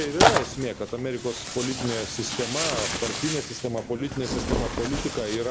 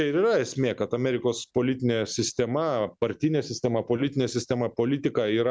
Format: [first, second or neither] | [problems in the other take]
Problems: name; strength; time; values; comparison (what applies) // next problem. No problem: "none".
second | background sound (Tearing); 1 dB above the speech